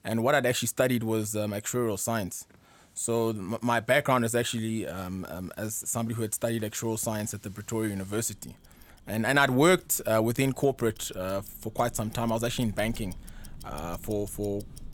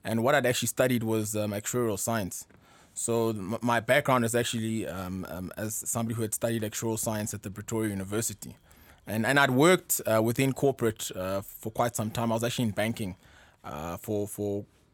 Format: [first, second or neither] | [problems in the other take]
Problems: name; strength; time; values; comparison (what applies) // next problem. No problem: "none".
second | household noises; faint; throughout; 25 dB below the speech